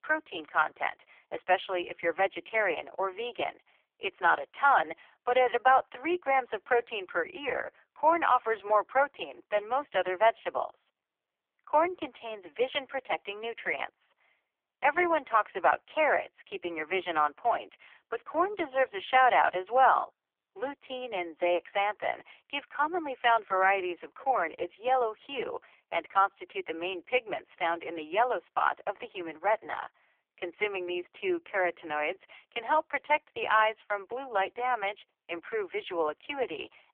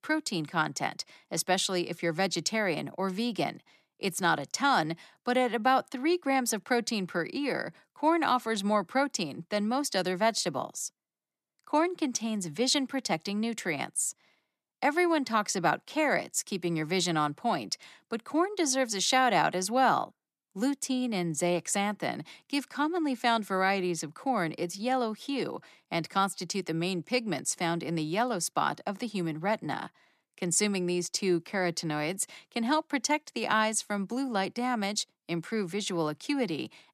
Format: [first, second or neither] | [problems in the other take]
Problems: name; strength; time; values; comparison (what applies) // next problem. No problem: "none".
second | phone-call audio; poor line; nothing above 3.5 kHz